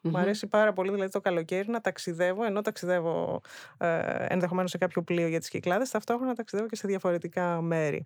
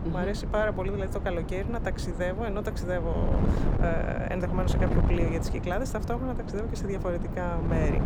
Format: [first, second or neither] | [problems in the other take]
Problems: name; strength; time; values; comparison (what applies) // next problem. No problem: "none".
first | wind noise on the microphone; heavy; 6 dB below the speech